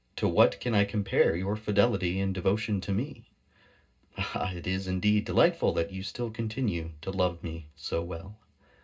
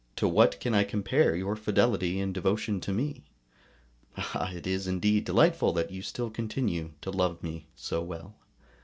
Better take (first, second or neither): second